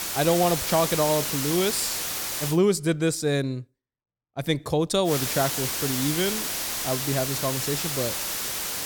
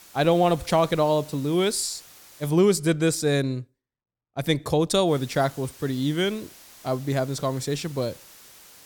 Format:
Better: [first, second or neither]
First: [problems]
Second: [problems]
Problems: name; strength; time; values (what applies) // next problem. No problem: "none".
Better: second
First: hiss; loud; until 2.5 s and from 5 s on; 1 dB below the speech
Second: hiss; faint; until 2.5 s and from 5 s on; 20 dB below the speech